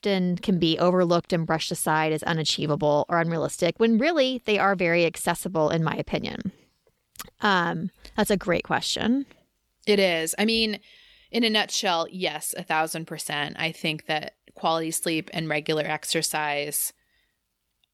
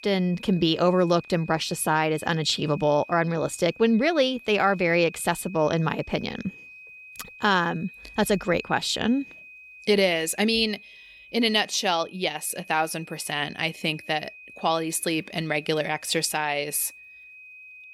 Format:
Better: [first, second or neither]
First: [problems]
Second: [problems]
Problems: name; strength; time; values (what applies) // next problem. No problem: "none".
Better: first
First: none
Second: high-pitched whine; noticeable; throughout; 2.5 kHz, 20 dB below the speech